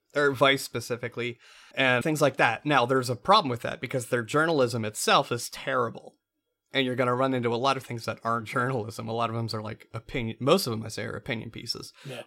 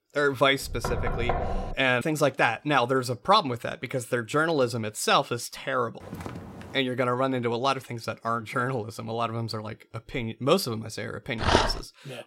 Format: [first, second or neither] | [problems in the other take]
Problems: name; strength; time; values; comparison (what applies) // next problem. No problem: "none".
first | door banging; noticeable; from 0.5 to 2 s; peak 3 dB below the speech // footsteps; faint; at 6 s; peak 10 dB below the speech // dog barking; loud; at 11 s; peak 4 dB above the speech